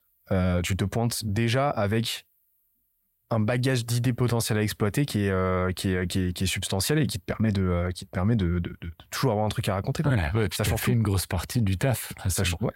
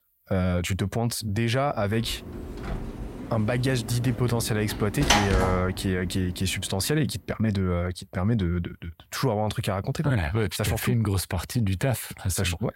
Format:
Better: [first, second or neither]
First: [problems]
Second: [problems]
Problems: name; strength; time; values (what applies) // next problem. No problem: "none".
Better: first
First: none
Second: door banging; loud; from 2 to 6 s; peak 5 dB above the speech